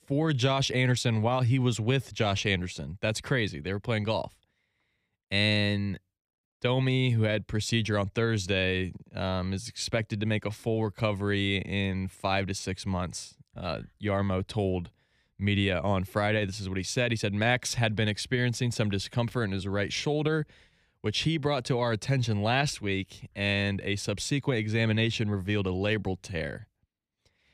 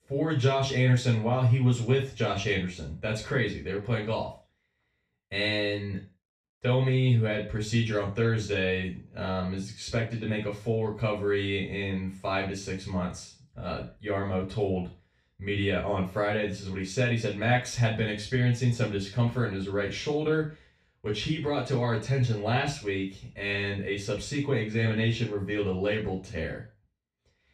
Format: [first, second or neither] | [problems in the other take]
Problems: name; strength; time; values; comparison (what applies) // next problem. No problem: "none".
first | room echo; noticeable; dies away in 0.3 s // off-mic speech; far